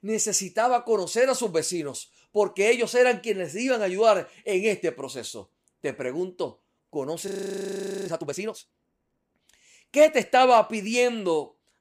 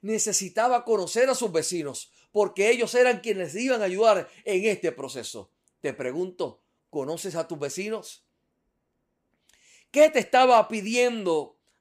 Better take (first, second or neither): second